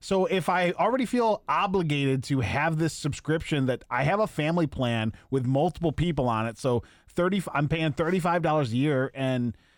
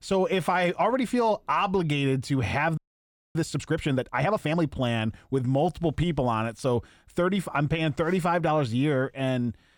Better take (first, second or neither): first